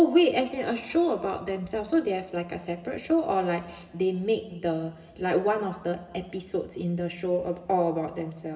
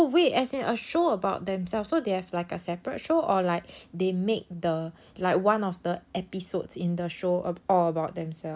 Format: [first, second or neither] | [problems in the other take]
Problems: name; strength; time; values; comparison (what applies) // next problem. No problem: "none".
second | room echo; dies away in 1.7 s